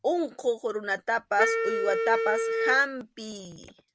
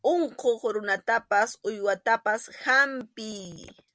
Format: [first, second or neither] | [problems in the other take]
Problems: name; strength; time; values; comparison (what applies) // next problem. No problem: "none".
second | background sound (Wind instrument, woodwind instrument); as loud as the speech